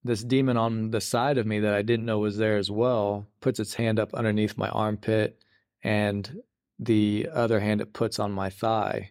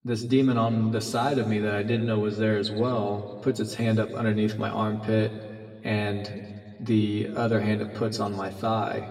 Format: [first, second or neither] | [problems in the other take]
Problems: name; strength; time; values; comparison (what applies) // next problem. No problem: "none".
first | room echo; slight; dies away in 1.8 s // off-mic speech; somewhat distant